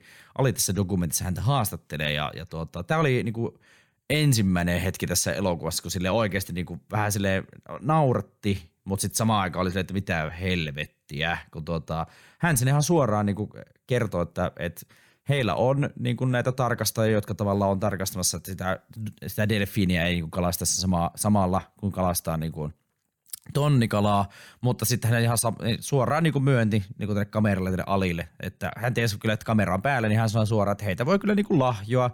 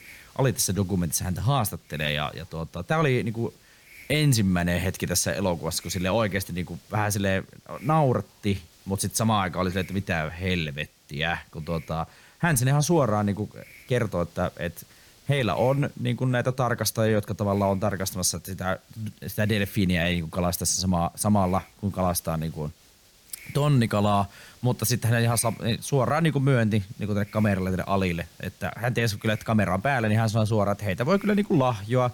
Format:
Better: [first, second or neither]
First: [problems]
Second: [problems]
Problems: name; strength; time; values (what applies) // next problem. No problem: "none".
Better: first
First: none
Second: hiss; faint; throughout; 25 dB below the speech